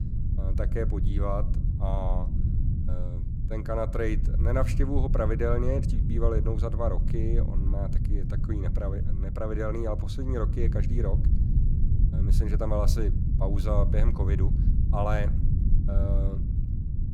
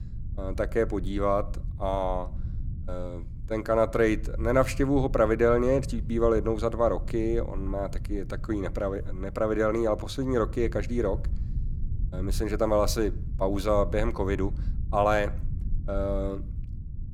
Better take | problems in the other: second | low rumble; loud; throughout; 8 dB below the speech; faint in the second

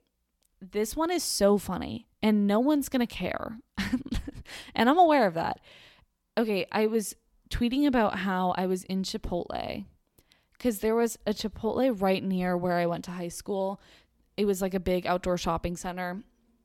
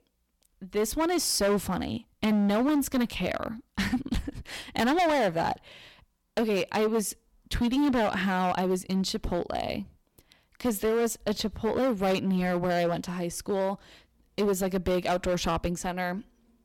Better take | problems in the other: first | distortion; heavy; 11% of the sound clipped

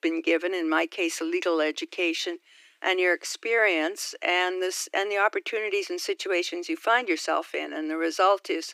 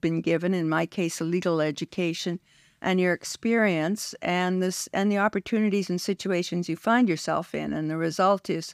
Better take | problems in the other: second | thin; very; fading below 300 Hz

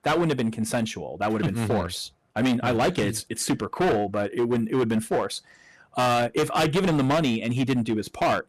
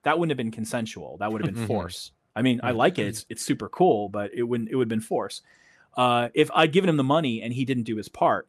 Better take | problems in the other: second | distortion; heavy; 15% of the sound clipped

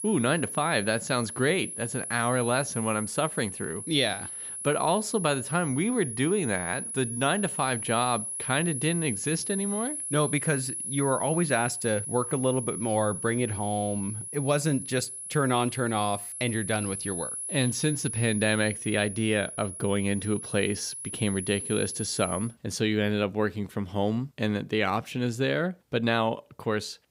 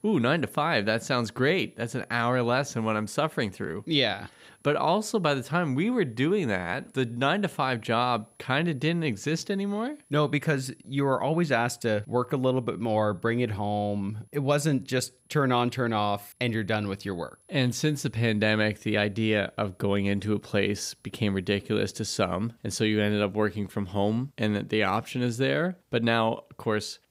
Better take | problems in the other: second | high-pitched whine; loud; until 22 s; 10.5 kHz, 5 dB below the speech; faint in the second

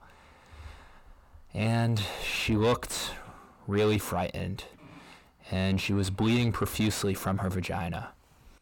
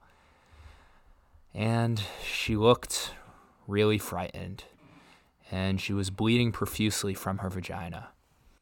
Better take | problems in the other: second | distortion; heavy; 7 dB below the speech

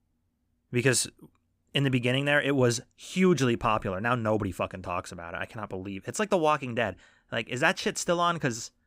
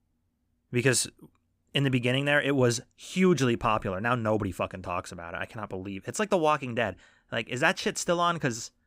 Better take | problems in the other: neither | none

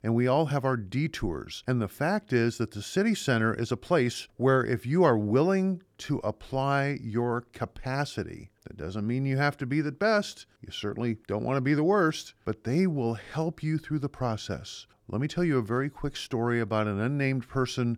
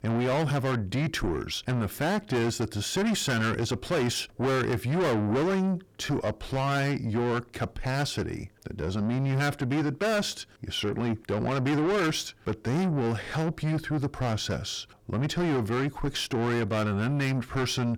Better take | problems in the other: first | distortion; heavy; 6 dB below the speech

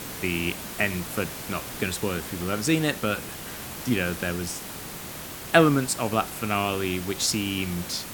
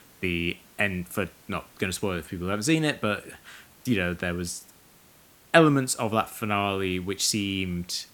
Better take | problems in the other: second | hiss; loud; throughout; 9 dB below the speech; faint in the second

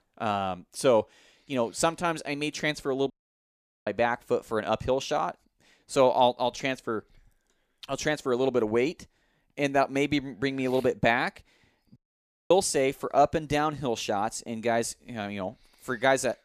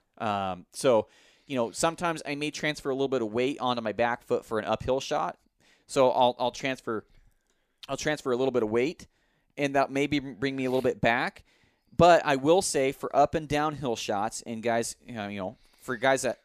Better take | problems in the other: second | audio cutting out; at 3 s for 1 s and at 12 s for 0.5 s

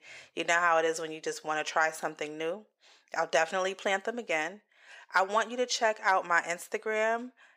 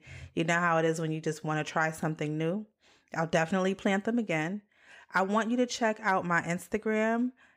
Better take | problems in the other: second | thin; very; fading below 600 Hz

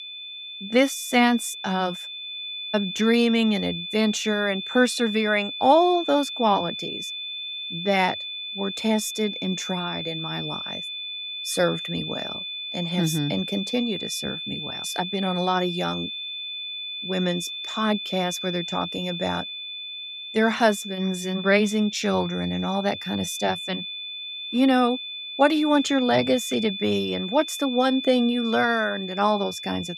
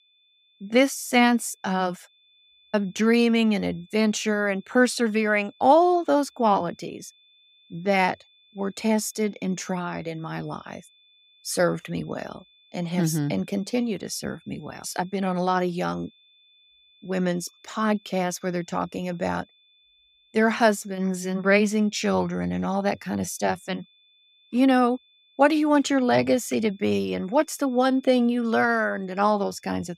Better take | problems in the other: second | high-pitched whine; loud; throughout; 3.5 kHz, 7 dB below the speech; faint in the second

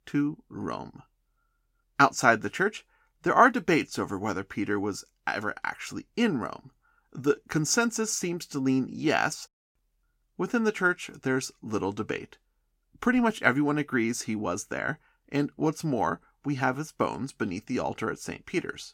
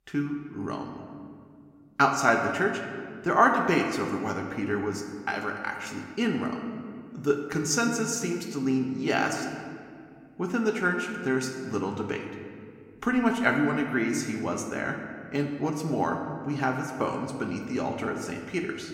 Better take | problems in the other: first | room echo; slight; dies away in 1.6 s

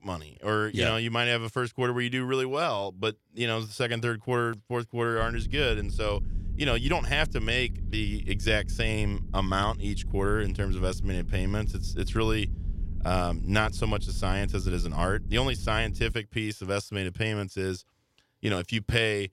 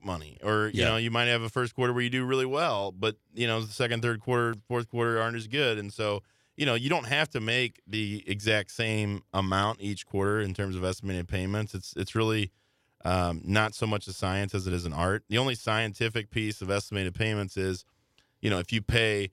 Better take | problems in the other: second | low rumble; faint; from 5 to 16 s; 20 dB below the speech

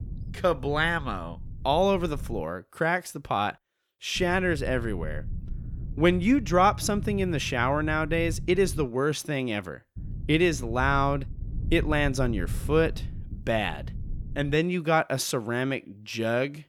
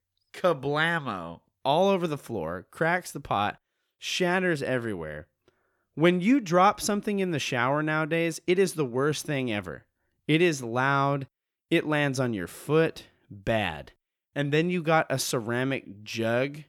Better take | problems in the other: second | low rumble; faint; until 2.5 s, from 4 to 9 s and from 10 to 15 s; 25 dB below the speech

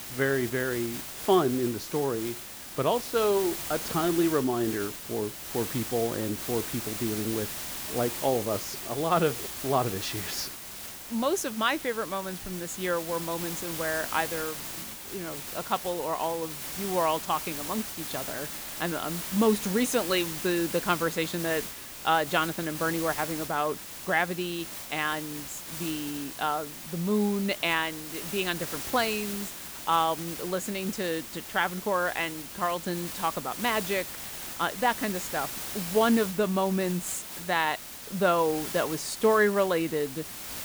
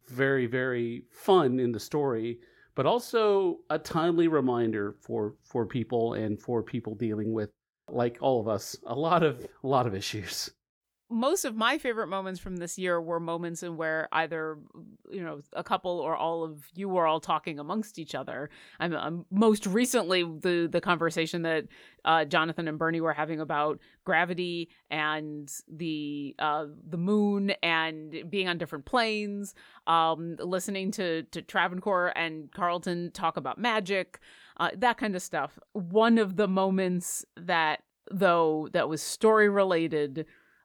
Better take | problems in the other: second | hiss; loud; throughout; 6 dB below the speech

